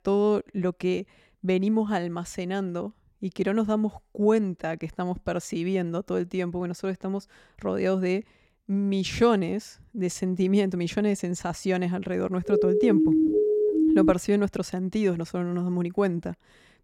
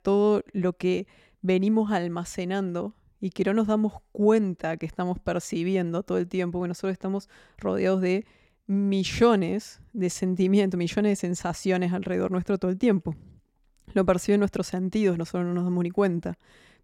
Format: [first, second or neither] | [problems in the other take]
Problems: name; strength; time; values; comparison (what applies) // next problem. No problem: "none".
second | siren; loud; from 12 to 14 s; peak 6 dB above the speech